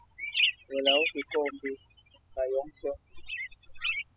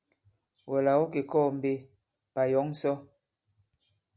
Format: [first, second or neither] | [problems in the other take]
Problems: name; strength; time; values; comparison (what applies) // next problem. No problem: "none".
second | noise reduction (classical method spectral subtraction)